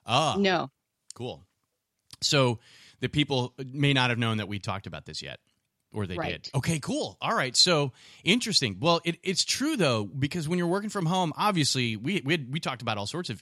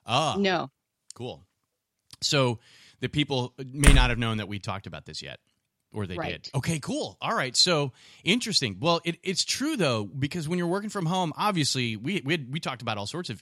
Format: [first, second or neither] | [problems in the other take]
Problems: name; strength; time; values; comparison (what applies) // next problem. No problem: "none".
first | door banging; loud; at 4 s; peak 5 dB above the speech